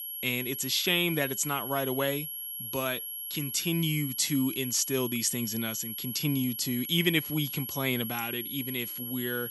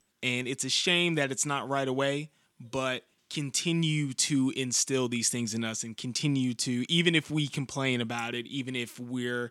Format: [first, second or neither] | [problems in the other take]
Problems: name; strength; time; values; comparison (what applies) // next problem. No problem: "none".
second | high-pitched whine; loud; throughout; 11.5 kHz, 5 dB below the speech